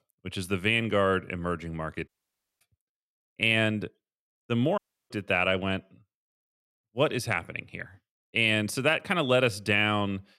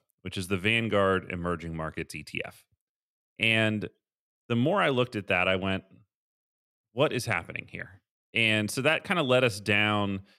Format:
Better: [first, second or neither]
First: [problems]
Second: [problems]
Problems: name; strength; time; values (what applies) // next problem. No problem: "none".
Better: second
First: audio cutting out; at 2 s for 0.5 s and at 5 s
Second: none